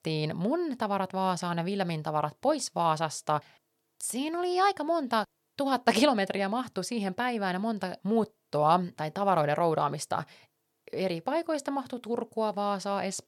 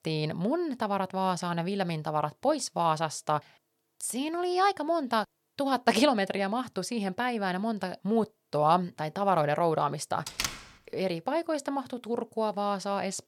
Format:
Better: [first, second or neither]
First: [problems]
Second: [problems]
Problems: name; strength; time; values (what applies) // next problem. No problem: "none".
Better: first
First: none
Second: door banging; noticeable; at 10 s; peak 3 dB below the speech